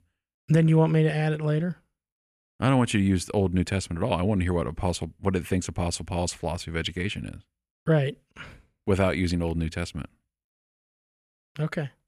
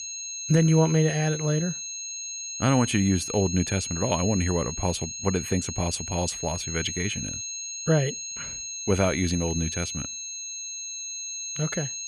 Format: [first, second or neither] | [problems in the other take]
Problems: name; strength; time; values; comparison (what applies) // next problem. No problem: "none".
first | high-pitched whine; loud; throughout; 6.5 kHz, 6 dB below the speech